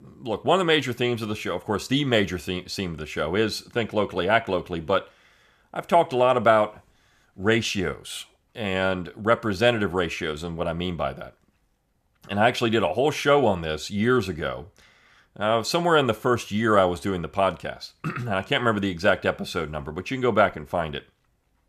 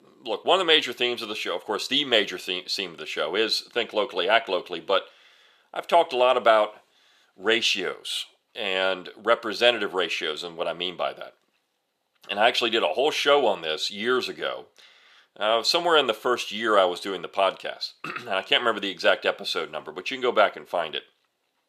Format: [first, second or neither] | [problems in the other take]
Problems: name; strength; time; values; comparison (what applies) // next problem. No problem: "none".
first | thin; somewhat; fading below 450 Hz